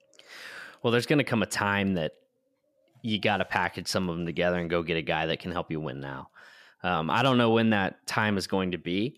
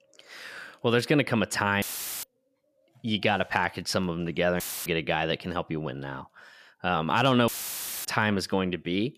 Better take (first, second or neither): first